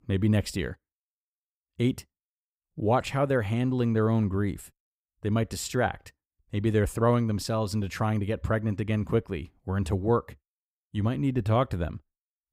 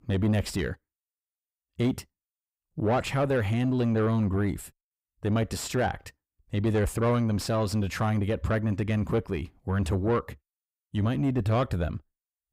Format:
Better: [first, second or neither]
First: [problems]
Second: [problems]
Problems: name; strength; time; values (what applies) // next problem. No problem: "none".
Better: first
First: none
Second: distortion; slight; 10 dB below the speech